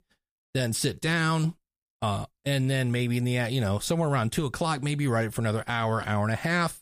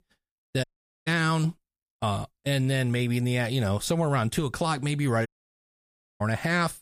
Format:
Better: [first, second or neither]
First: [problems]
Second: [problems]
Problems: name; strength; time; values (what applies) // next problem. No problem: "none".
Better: first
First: none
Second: audio cutting out; at 0.5 s and at 5.5 s for 1 s